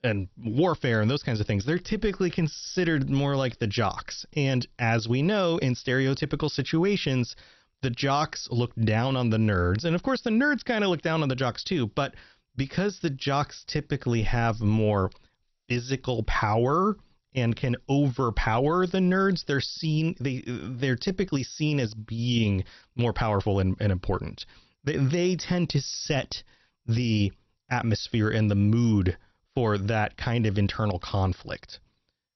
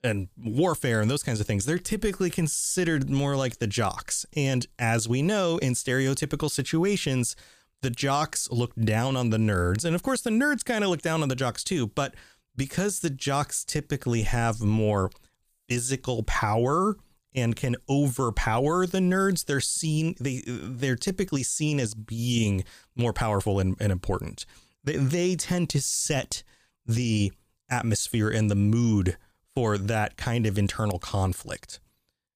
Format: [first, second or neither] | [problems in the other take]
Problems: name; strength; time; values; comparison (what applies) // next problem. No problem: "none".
second | garbled, watery; slightly; nothing above 6 kHz